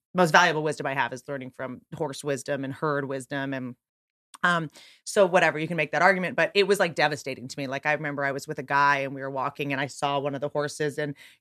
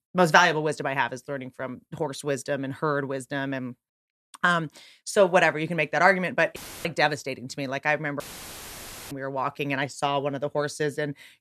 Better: first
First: none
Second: audio cutting out; filled with static; at 6.5 s and at 8 s for 1 s

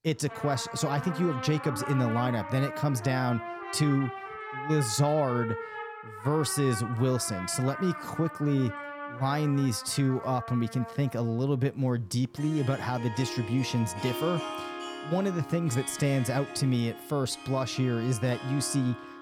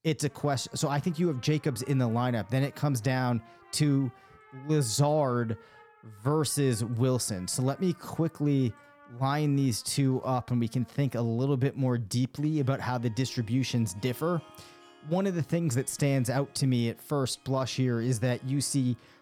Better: second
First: background music; loud; throughout; 10 dB below the speech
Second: background music; faint; throughout; 25 dB below the speech

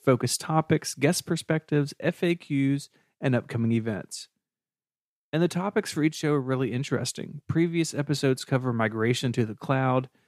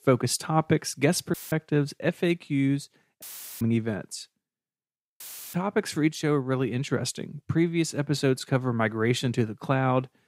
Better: first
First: none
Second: audio cutting out; filled with static; at 1.5 s, at 3 s and at 5 s

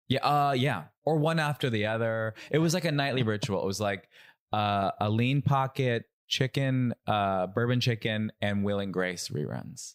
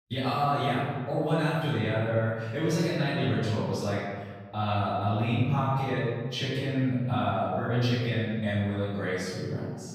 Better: first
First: none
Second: off-mic speech; far // room echo; strong; dies away in 1.6 s

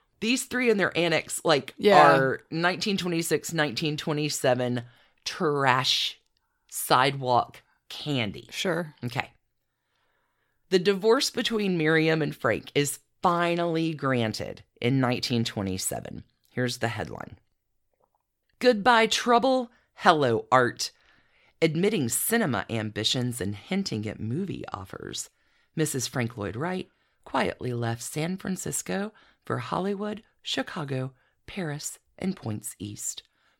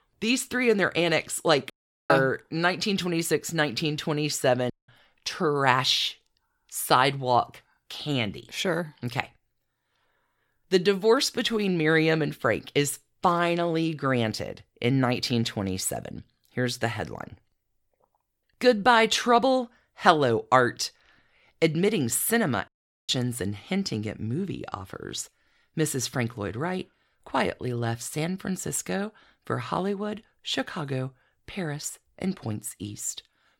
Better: first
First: none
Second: audio cutting out; at 1.5 s, at 4.5 s and at 23 s

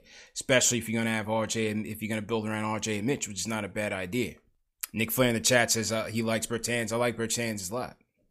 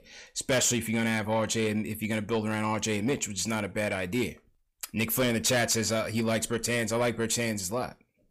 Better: first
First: none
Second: distortion; slight; 10 dB below the speech

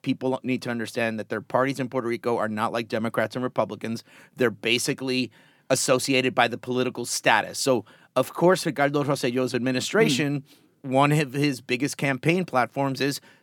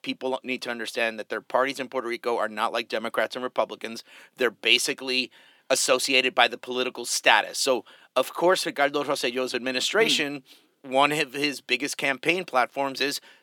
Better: first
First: none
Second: thin; somewhat; fading below 400 Hz

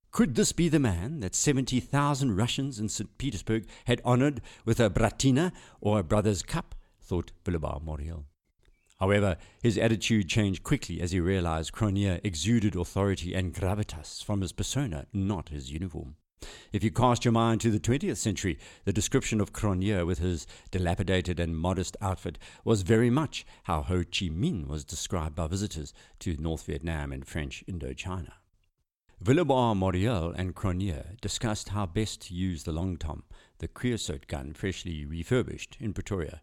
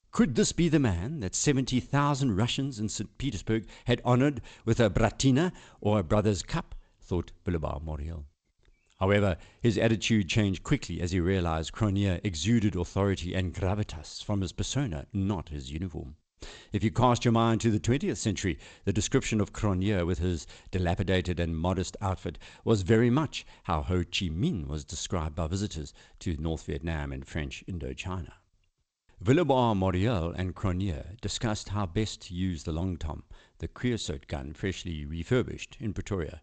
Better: first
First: none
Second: garbled, watery; slightly; nothing above 8 kHz

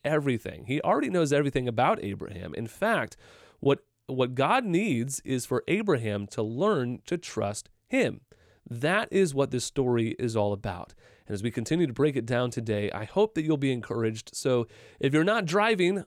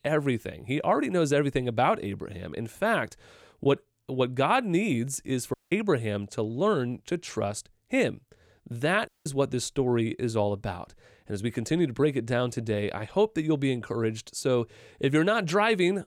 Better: first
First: none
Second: audio cutting out; at 5.5 s and at 9 s

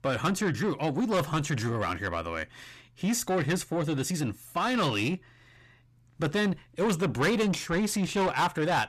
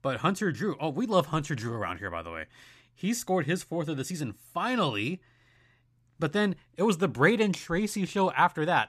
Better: second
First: distortion; heavy; 7 dB below the speech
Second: none

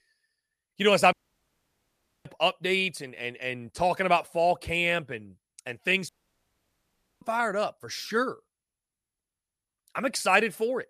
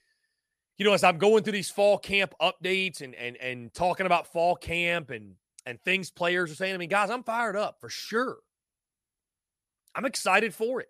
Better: second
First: audio cutting out; at 1 s for 1 s and at 6 s for 1 s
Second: none

